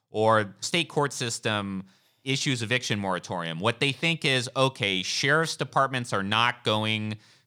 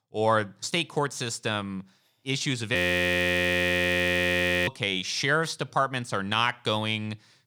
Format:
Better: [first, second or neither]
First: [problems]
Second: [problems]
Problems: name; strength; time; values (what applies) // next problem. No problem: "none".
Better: first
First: none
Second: audio freezing; at 3 s for 2 s